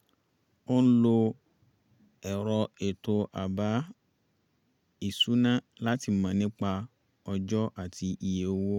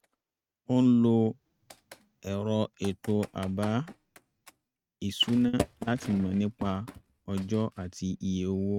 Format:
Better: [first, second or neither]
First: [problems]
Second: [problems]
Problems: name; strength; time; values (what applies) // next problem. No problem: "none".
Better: first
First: none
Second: noise reduction (neural mask model RNNoise)